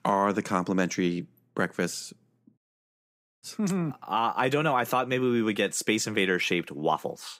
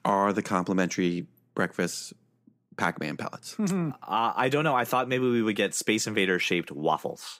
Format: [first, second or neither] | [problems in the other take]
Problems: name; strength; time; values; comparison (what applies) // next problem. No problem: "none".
second | audio cutting out; at 2.5 s for 1 s